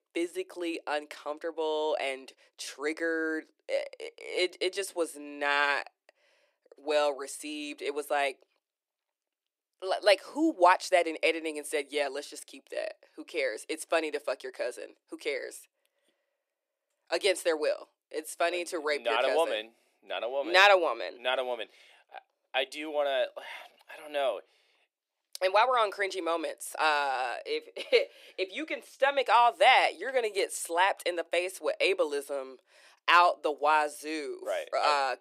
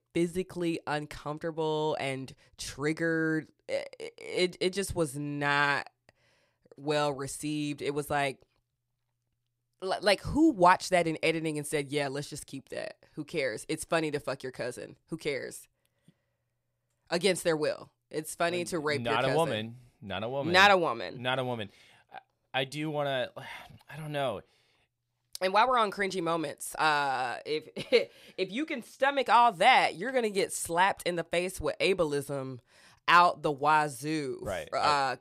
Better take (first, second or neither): second